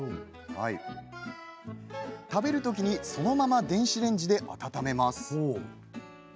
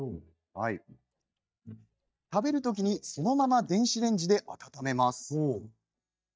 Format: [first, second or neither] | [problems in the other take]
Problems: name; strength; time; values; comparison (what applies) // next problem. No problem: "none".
first | noise reduction (neural mask model DeepFilterNet 3)